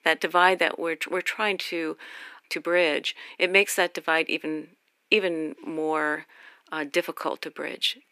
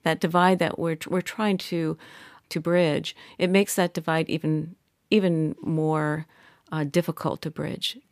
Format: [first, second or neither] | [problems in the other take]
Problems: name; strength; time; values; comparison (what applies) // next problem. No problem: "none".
second | thin; very; fading below 300 Hz